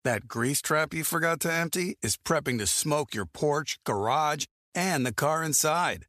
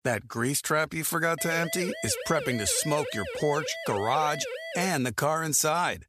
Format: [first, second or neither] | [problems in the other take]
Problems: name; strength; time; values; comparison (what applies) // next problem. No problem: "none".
first | siren; noticeable; from 1.5 to 5 s; peak 8 dB below the speech